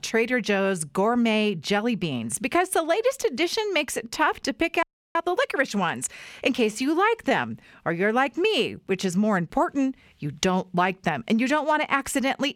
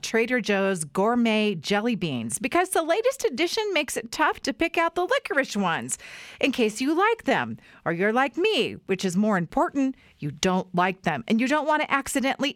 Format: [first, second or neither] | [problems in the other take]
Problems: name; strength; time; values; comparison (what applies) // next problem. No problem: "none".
second | audio freezing; at 5 s